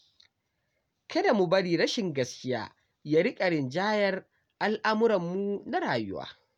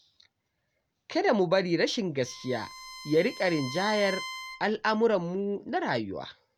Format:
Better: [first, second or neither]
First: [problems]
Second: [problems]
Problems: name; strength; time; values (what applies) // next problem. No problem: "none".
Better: first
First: none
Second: background sound (Bowed string instrument); 13 dB below the speech